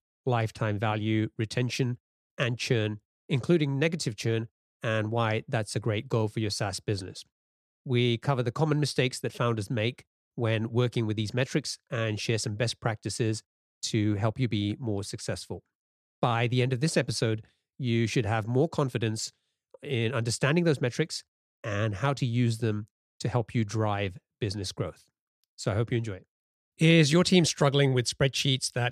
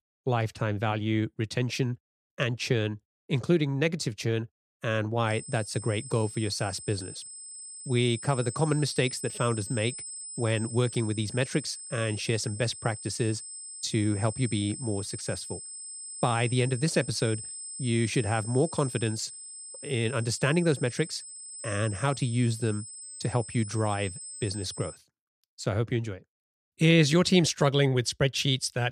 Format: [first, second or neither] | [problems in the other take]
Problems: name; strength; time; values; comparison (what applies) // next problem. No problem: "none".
first | high-pitched whine; noticeable; from 5.5 to 25 s; 8 kHz, 10 dB below the speech